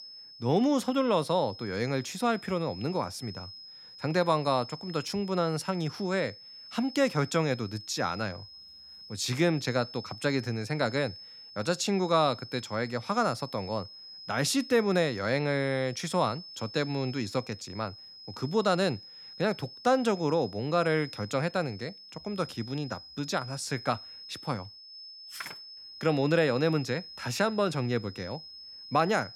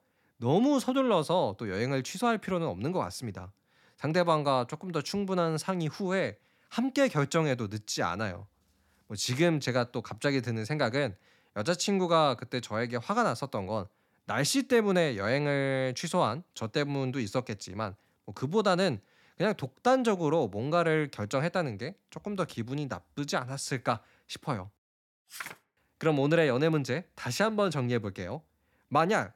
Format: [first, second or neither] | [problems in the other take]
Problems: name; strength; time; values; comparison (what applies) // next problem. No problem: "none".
second | high-pitched whine; noticeable; throughout; 5 kHz, 15 dB below the speech